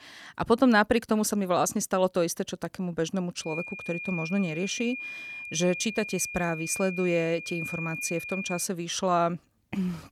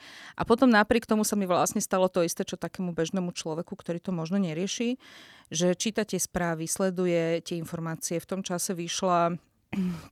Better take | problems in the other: second | high-pitched whine; loud; from 3.5 to 8.5 s; 2.5 kHz, 7 dB below the speech

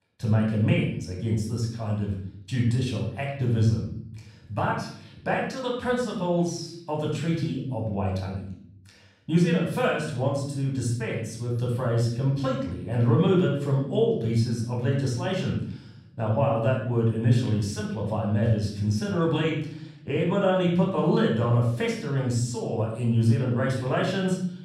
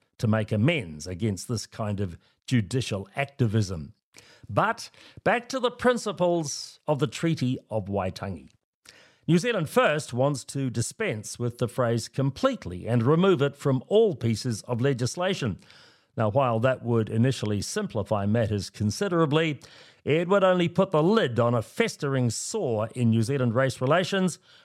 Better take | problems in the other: second | off-mic speech; far // room echo; noticeable; dies away in 0.7 s

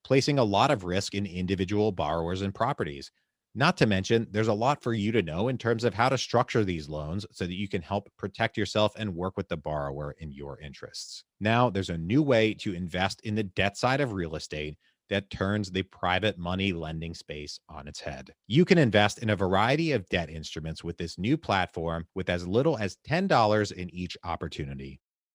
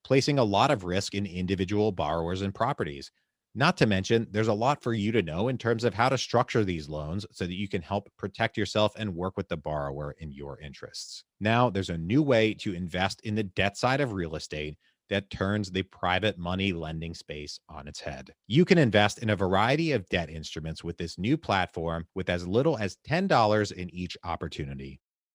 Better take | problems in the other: neither | none

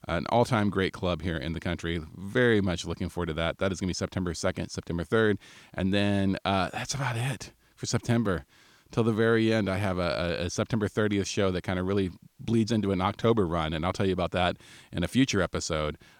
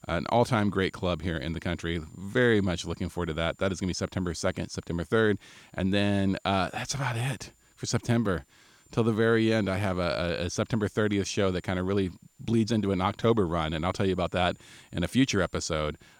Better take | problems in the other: first | high-pitched whine; faint; throughout; 7 kHz, 35 dB below the speech

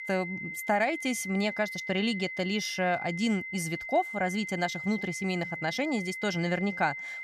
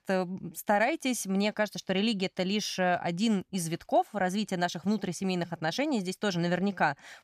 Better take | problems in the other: second | high-pitched whine; loud; throughout; 2 kHz, 6 dB below the speech

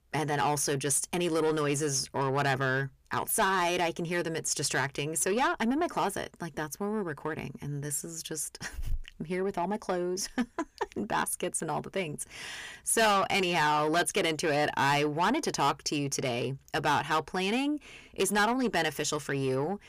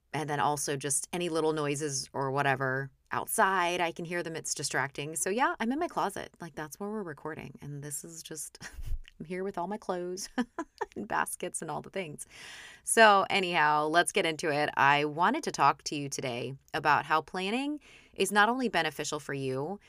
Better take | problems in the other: second | distortion; heavy; 7 dB below the speech

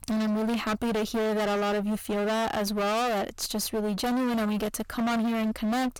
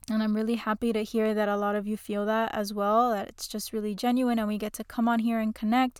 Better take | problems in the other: second | distortion; heavy; 43% of the sound clipped

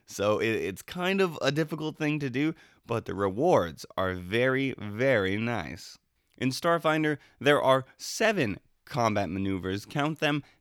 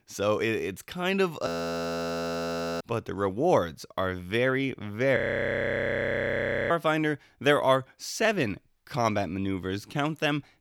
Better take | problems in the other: first | audio freezing; at 1.5 s for 1.5 s and at 5 s for 1.5 s

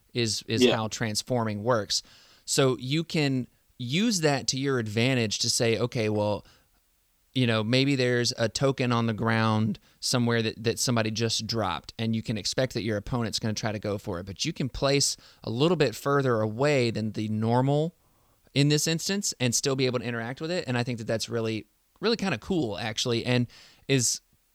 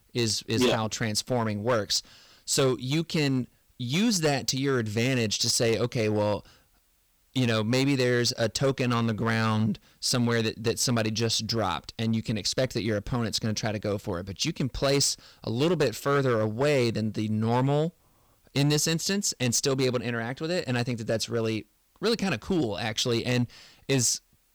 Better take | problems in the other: first | distortion; slight; 5% of the sound clipped

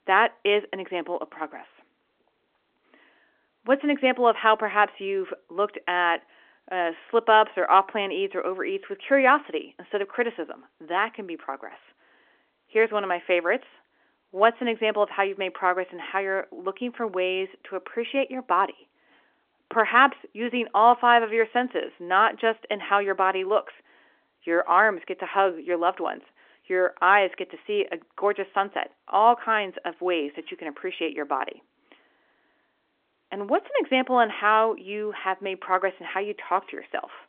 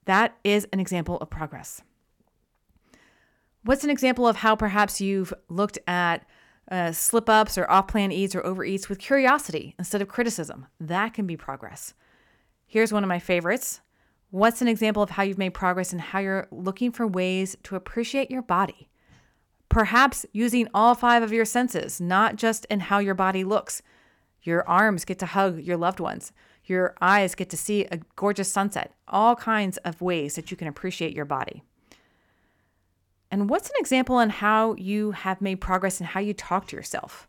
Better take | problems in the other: second | phone-call audio

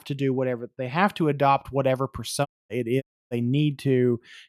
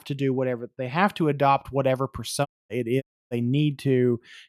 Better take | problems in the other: neither | audio cutting out; at 2.5 s and at 3 s; the same in both

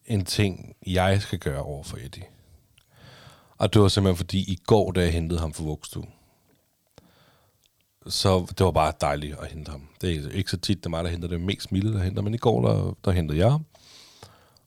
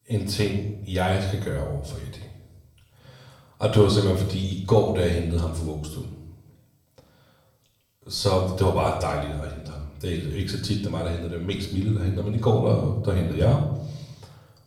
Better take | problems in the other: first | off-mic speech; far // room echo; noticeable; dies away in 0.7 s

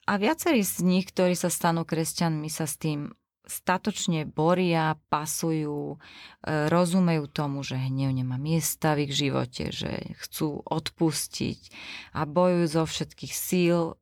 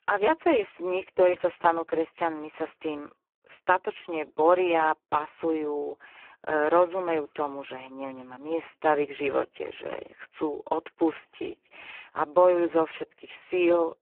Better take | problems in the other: first | phone-call audio; poor line

